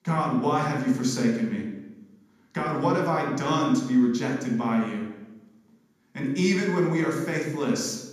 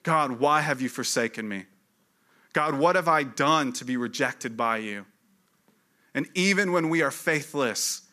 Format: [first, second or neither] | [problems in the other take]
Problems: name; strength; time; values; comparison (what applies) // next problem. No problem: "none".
second | room echo; noticeable; dies away in 1.3 s // off-mic speech; far